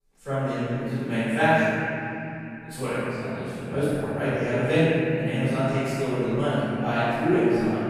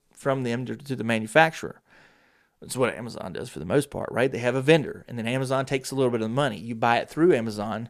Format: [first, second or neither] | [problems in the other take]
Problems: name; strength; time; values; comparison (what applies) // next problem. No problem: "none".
second | room echo; strong; dies away in 3 s // off-mic speech; far